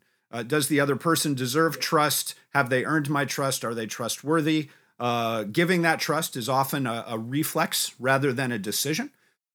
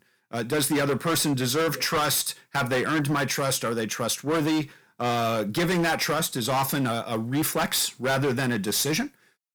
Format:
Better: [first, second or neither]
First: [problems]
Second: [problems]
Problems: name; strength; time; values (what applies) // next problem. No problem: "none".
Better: first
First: none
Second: distortion; heavy; 16% of the sound clipped